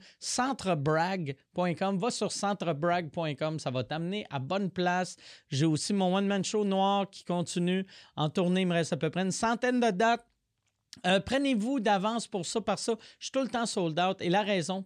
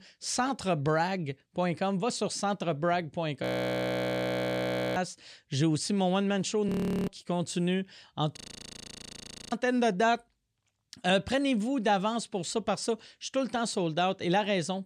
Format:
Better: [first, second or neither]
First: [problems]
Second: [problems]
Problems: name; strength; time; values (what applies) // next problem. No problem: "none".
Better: first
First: none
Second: audio freezing; at 3.5 s for 1.5 s, at 6.5 s and at 8.5 s for 1 s